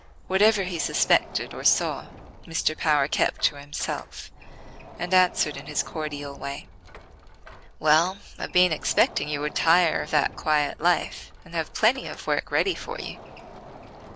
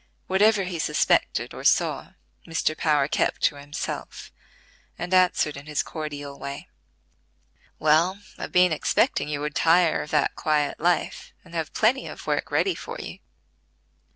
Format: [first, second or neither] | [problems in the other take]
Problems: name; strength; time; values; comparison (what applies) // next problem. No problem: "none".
second | background sound (Door); 17 dB below the speech